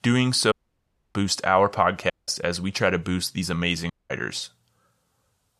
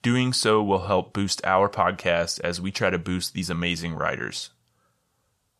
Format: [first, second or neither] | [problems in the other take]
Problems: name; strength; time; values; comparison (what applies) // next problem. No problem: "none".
second | audio cutting out; at 0.5 s for 0.5 s, at 2 s and at 4 s